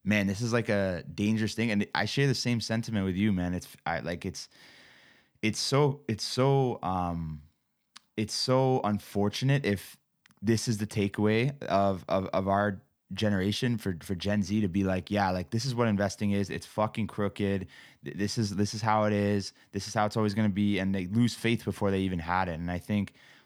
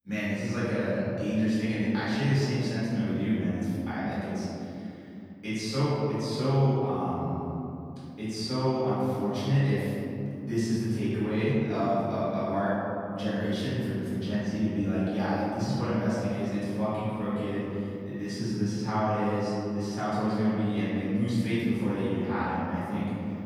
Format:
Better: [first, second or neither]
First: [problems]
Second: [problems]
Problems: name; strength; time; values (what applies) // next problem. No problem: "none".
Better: first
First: none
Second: off-mic speech; far // room echo; strong; dies away in 3 s